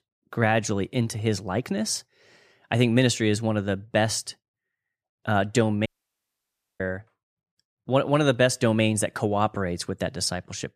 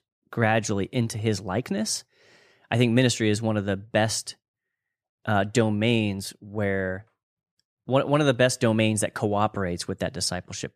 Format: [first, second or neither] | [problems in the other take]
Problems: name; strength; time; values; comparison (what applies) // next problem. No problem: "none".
second | audio cutting out; at 6 s for 1 s